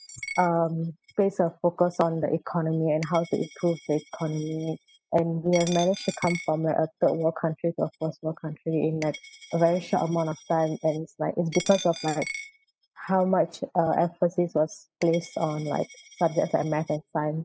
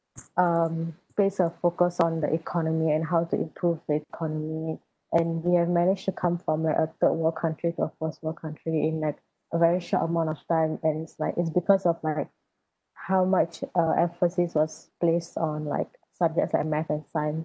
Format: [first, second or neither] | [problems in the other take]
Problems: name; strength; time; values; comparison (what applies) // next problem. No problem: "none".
second | noise reduction (classical method spectral subtraction)